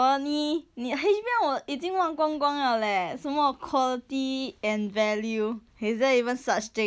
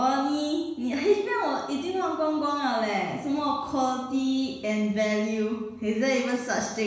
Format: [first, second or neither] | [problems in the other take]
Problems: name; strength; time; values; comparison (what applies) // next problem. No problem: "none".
first | room echo; dies away in 1.1 s